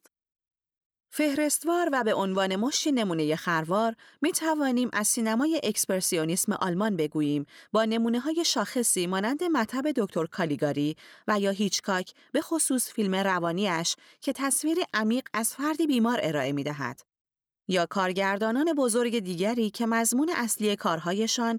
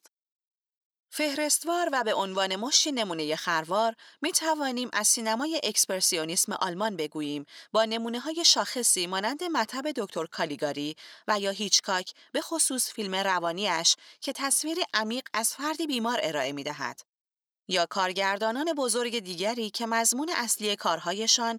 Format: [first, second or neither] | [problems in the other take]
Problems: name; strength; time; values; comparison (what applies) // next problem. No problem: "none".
first | thin; very slightly; fading below 750 Hz